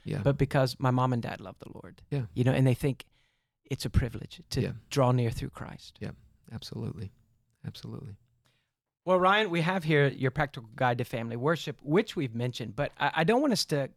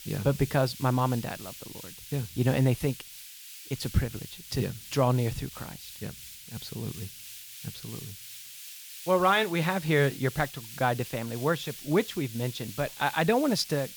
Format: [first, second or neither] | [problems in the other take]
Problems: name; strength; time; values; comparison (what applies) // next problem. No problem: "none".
first | hiss; noticeable; throughout; 15 dB below the speech